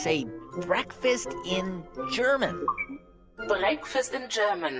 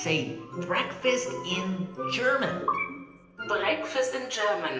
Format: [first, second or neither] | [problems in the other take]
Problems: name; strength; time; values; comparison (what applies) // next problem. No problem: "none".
first | background sound (Piano); 17 dB below the speech // room echo; dies away in 0.8 s